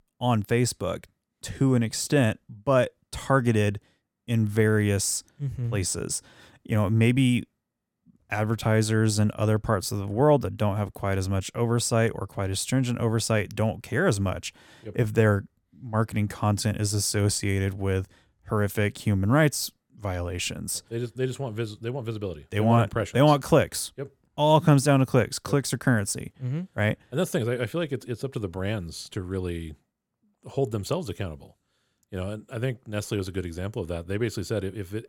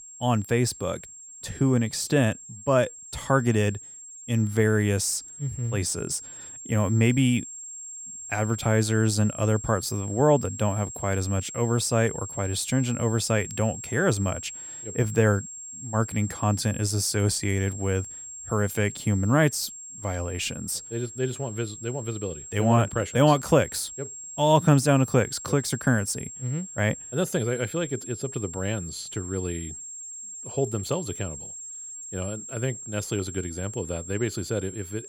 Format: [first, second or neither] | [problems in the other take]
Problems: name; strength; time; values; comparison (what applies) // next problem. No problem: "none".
first | high-pitched whine; noticeable; throughout; 7.5 kHz, 10 dB below the speech